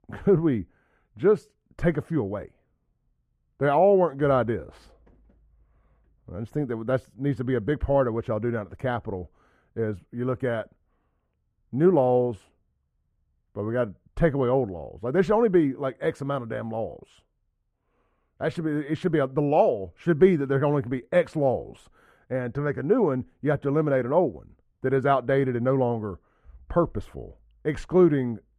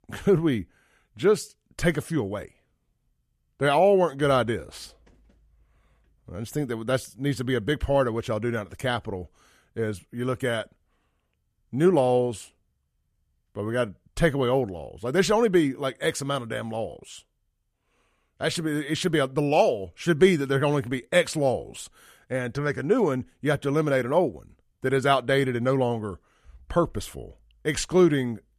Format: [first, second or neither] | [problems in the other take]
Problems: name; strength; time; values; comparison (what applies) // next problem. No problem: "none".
second | muffled; very; fading above 2.5 kHz